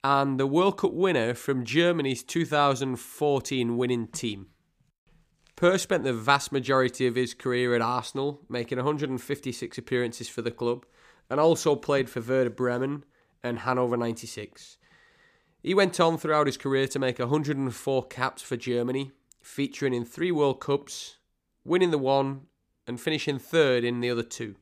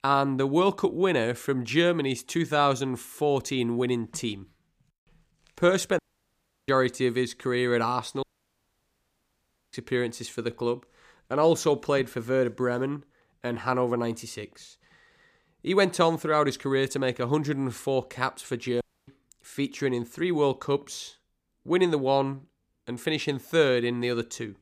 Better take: first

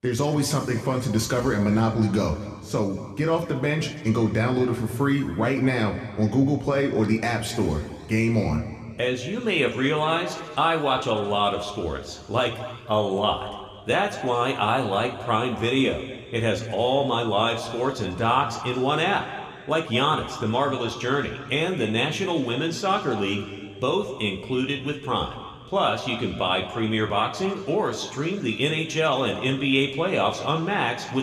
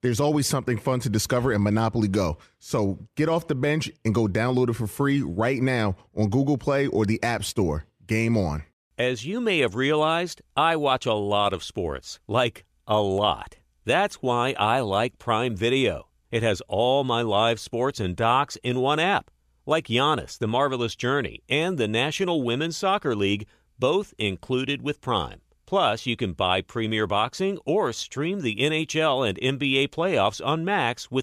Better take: second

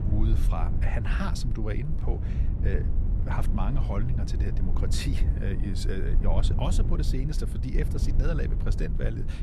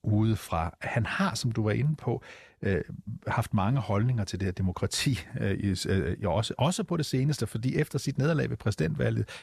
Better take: second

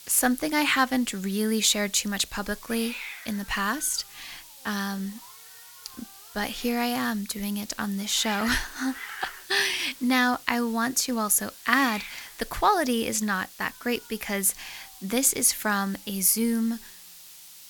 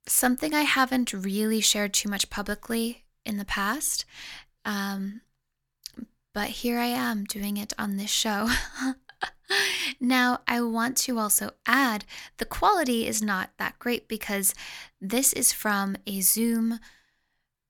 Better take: second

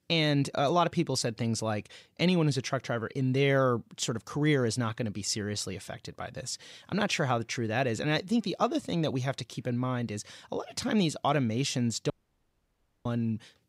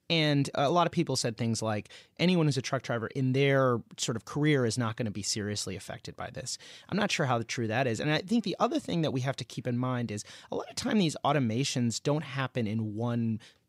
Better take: second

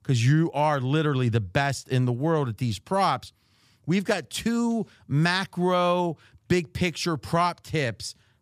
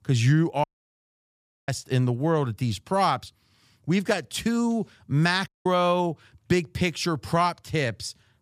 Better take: first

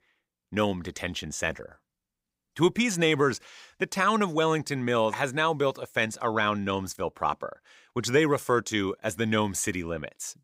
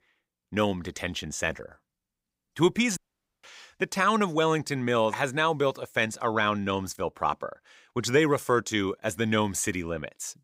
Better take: first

